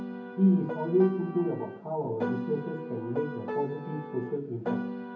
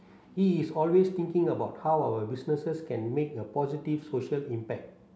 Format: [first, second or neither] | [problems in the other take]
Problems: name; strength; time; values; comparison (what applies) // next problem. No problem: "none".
second | background sound (Piano); 7 dB below the speech // room echo; dies away in 0.3 s